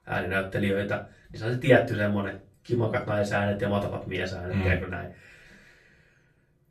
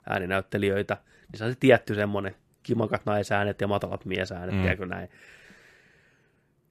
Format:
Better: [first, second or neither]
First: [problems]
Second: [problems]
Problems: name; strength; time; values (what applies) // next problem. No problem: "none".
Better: second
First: off-mic speech; far // room echo; very slight; dies away in 0.3 s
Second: none